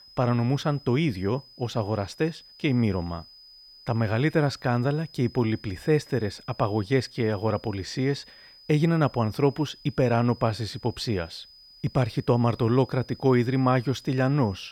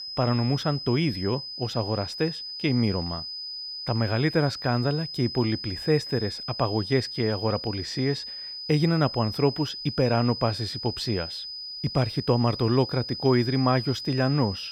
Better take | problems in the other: first | high-pitched whine; loud; throughout; 5 kHz, 7 dB below the speech; faint in the first

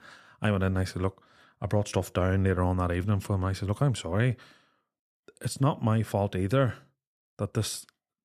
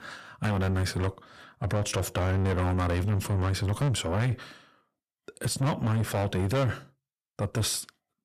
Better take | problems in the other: first | distortion; heavy; 6 dB below the speech

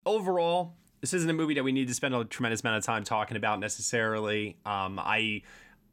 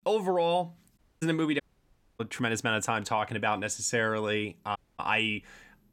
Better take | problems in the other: first | audio cutting out; at 1 s, at 1.5 s for 0.5 s and at 5 s

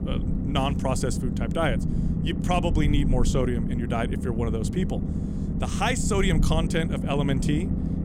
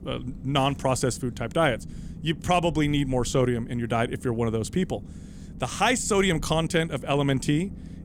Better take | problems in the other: second | low rumble; loud; throughout; 7 dB below the speech; faint in the second

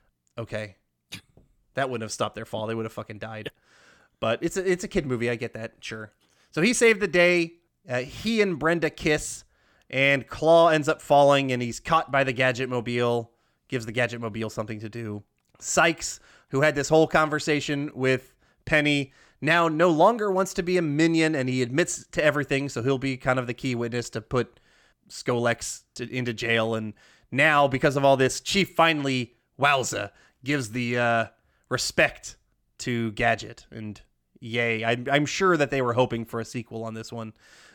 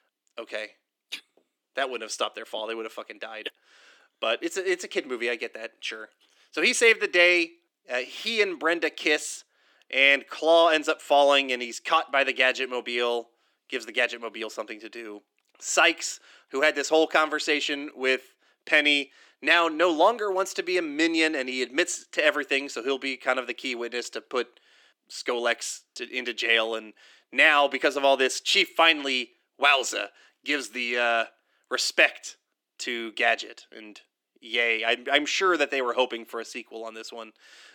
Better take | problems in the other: first | thin; somewhat; fading below 300 Hz

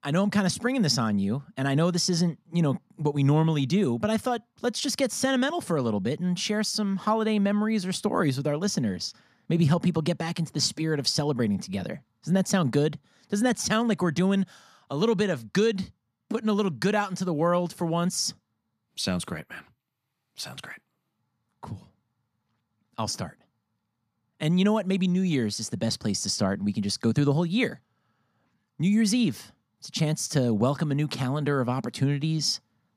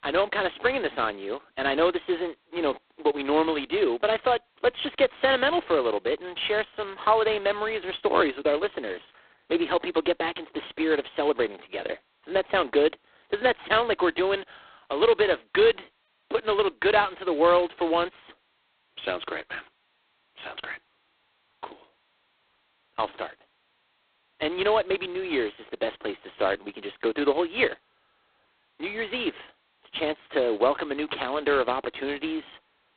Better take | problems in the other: first | phone-call audio; poor line; nothing above 4 kHz

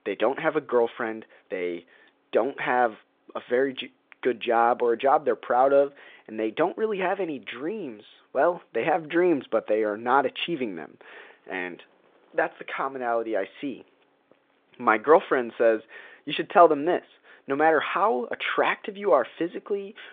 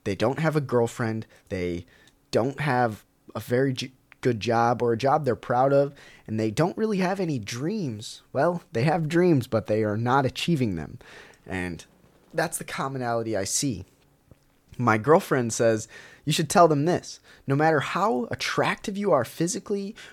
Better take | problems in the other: second | phone-call audio

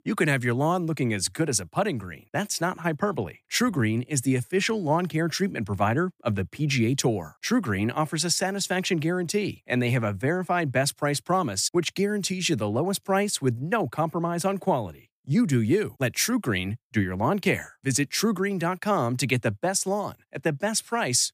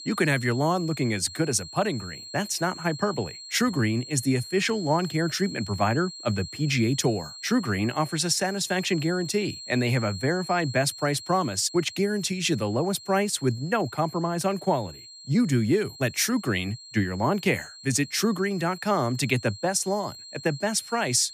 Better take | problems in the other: first | high-pitched whine; noticeable; throughout; 4 kHz, 15 dB below the speech

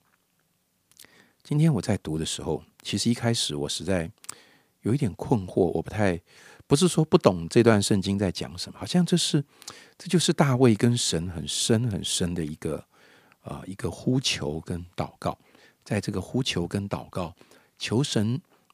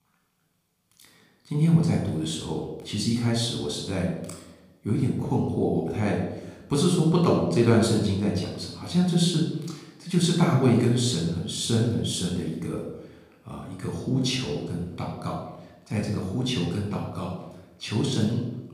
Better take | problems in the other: first | off-mic speech; far // room echo; noticeable; dies away in 0.8 s

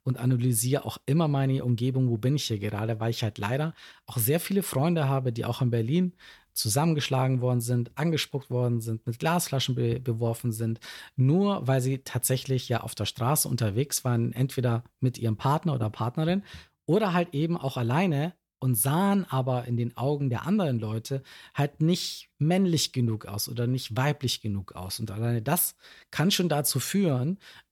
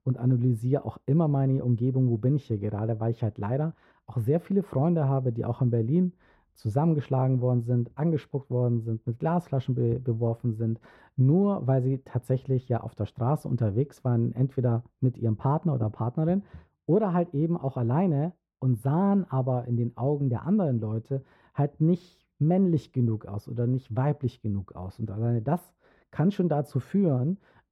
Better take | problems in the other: first | muffled; very; fading above 2 kHz

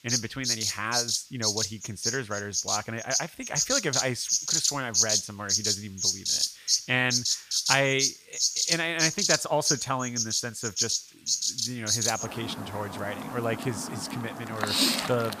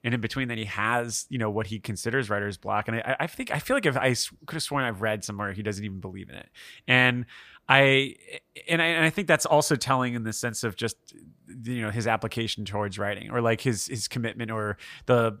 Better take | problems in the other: second | animal sounds; very loud; throughout; 5 dB above the speech

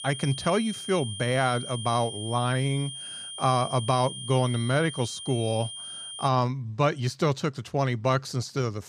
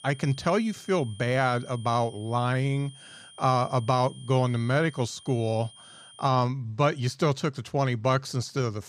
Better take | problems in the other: second | high-pitched whine; loud; until 6.5 s; 3 kHz, 9 dB below the speech; faint in the second

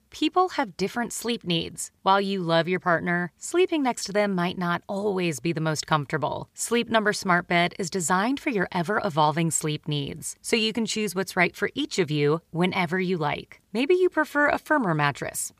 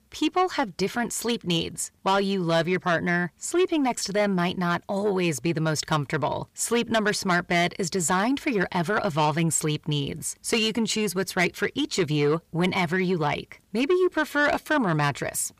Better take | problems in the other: first | distortion; slight; 10 dB below the speech

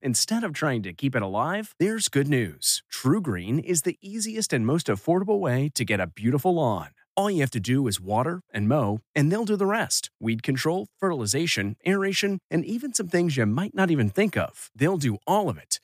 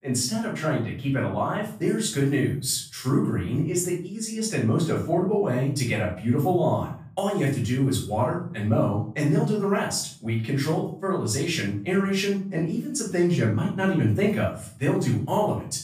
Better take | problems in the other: first | off-mic speech; far // room echo; noticeable; dies away in 0.5 s

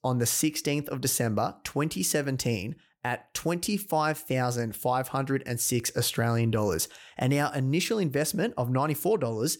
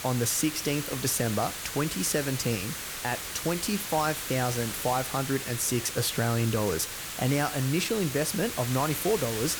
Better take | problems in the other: first | hiss; loud; throughout; 5 dB below the speech

